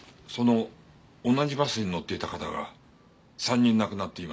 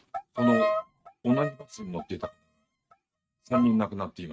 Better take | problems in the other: first | noise reduction (neural mask model RNNoise)

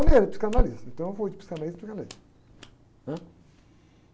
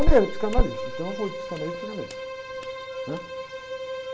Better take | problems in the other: first | background sound (Bowed string instrument); 10 dB below the speech

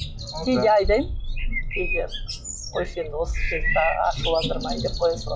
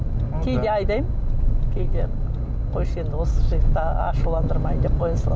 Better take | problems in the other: second | noise reduction (classical method log-MMSE)

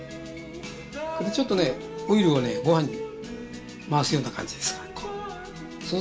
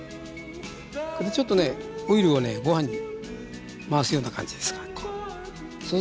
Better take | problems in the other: second | room echo; dies away in 0.3 s

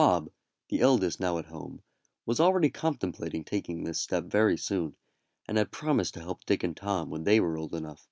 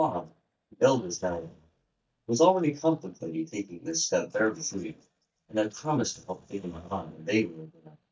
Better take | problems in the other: first | noise reduction (neural mask model DeepFilterNet 3)

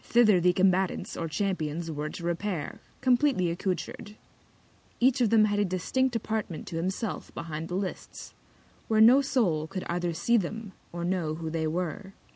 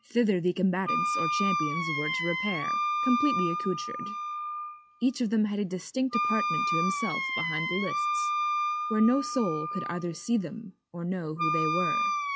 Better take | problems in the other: first | noise reduction (classical method log-MMSE)

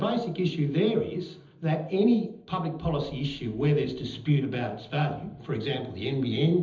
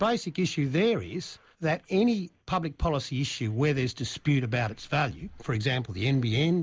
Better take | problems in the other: second | room echo; dies away in 1.2 s

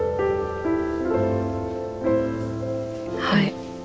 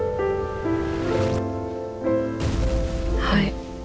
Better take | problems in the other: first | background sound (Explosion); 4 dB below the speech

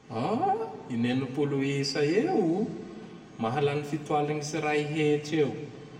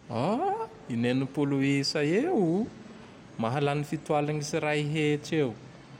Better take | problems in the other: second | room echo; dies away in 1.5 s

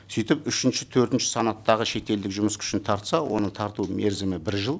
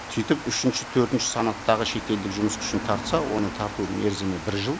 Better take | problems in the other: first | background sound (Water); 10 dB below the speech

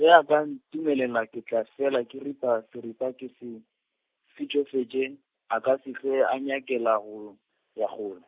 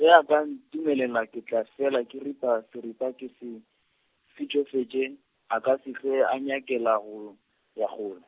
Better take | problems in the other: second | noise reduction (neural mask model Resemble Enhance denoiser)

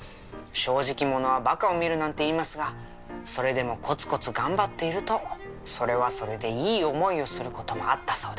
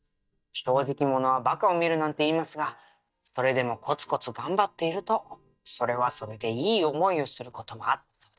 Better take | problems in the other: first | noise reduction (neural mask model DeepFilterNet 3)

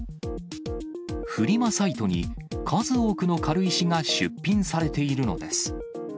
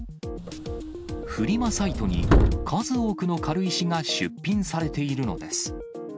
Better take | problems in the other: first | background sound (Subway, metro, underground); 2 dB above the speech

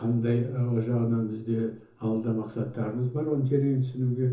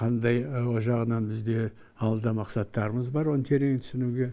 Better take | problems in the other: second | room echo; dies away in 0.7 s

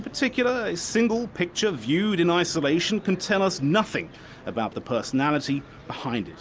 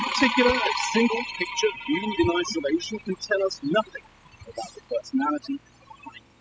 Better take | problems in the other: first | noise reduction (classical method spectral subtraction)

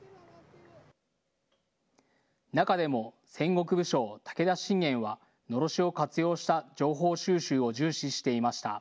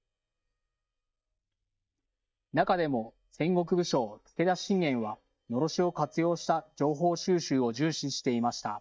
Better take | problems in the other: first | noise reduction (neural mask model DeepFilterNet 3)

